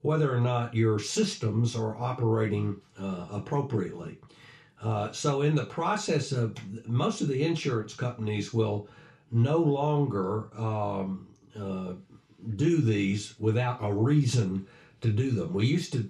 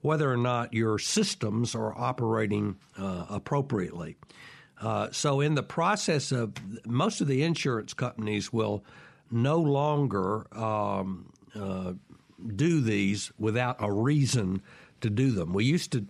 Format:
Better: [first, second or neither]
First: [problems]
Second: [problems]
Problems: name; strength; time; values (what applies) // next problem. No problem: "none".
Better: second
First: room echo; very slight; dies away in 0.3 s // off-mic speech; somewhat distant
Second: none